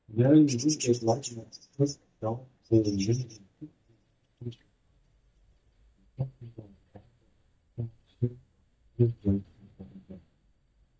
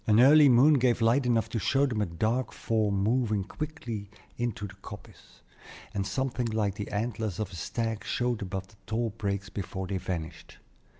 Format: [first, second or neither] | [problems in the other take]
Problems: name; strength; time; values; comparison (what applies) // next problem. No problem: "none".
second | noise reduction (neural mask model DeepFilterNet 3)